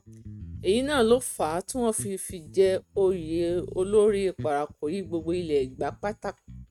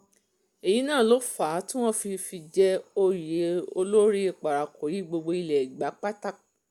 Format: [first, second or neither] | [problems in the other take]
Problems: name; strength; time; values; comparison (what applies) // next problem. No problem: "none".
second | noise reduction (neural mask model RNNoise)